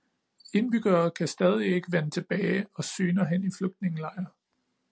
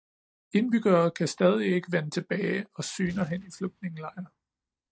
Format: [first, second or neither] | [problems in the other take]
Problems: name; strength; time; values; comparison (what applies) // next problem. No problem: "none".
first | noise reduction (neural mask model DeepFilterNet 3)